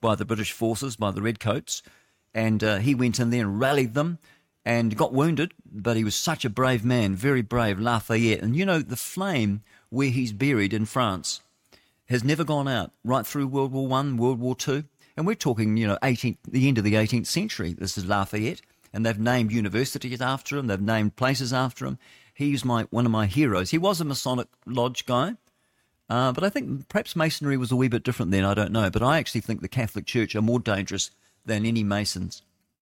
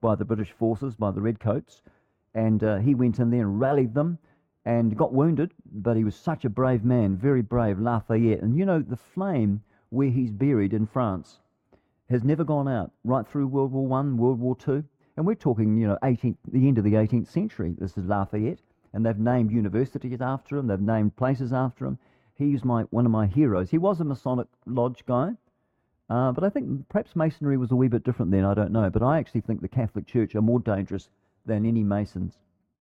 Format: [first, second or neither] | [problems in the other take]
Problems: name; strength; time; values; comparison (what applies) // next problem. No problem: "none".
first | muffled; very; fading above 2 kHz